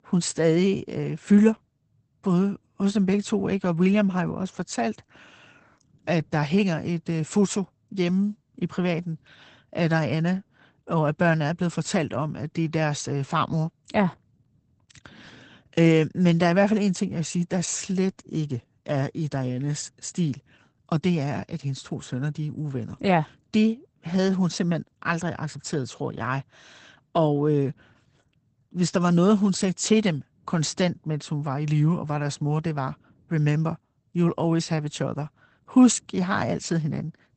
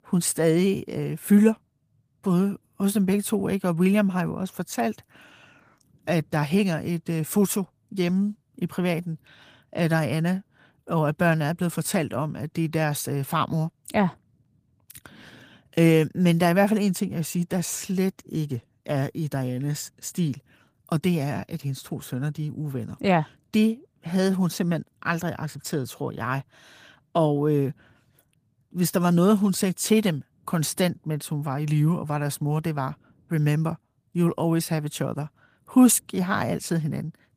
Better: second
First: garbled, watery; badly; nothing above 8 kHz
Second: garbled, watery; slightly; nothing above 15 kHz

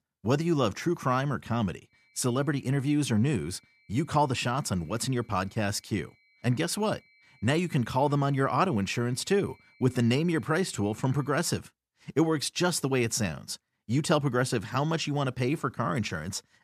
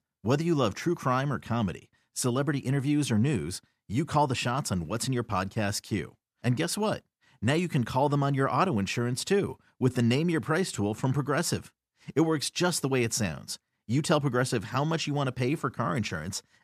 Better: second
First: high-pitched whine; faint; from 2 to 11 s; 2.5 kHz, 35 dB below the speech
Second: none

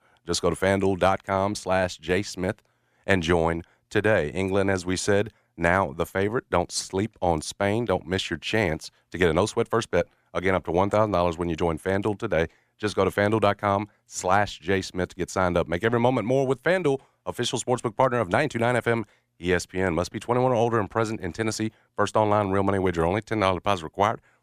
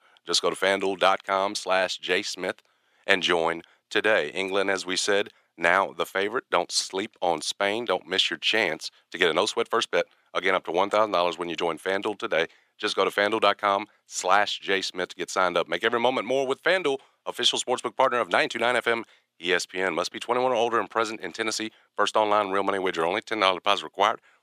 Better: first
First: none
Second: thin; somewhat; fading below 350 Hz

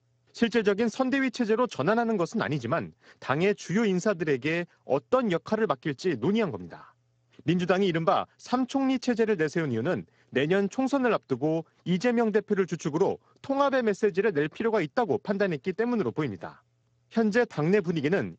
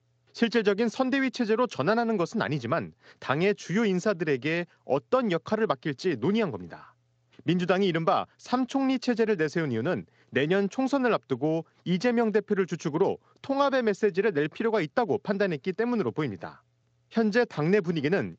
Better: second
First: garbled, watery; badly; nothing above 7.5 kHz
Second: garbled, watery; slightly; nothing above 7.5 kHz

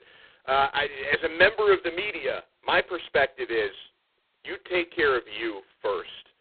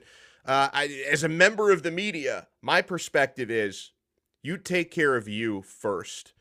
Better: second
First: phone-call audio; poor line; nothing above 4 kHz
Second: none

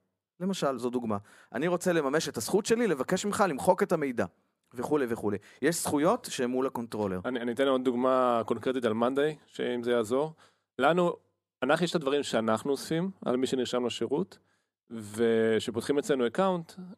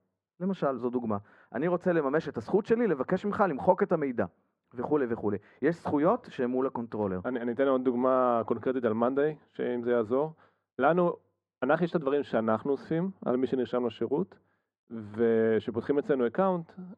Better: first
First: none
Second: muffled; very; fading above 1.5 kHz

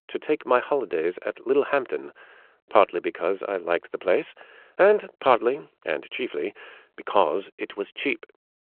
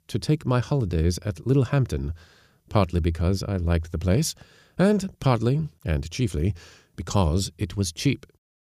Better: second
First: phone-call audio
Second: none

